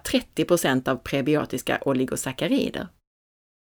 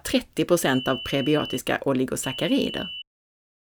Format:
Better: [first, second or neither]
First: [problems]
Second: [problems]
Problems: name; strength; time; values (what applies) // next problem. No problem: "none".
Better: first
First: none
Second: high-pitched whine; loud; at 0.5 s and at 2 s; 3 kHz, 9 dB below the speech